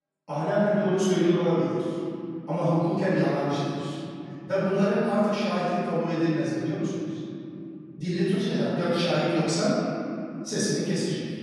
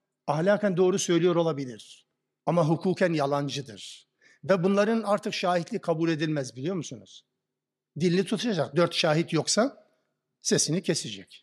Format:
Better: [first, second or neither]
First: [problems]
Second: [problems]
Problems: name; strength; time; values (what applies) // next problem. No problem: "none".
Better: second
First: off-mic speech; far // room echo; strong; dies away in 3 s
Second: none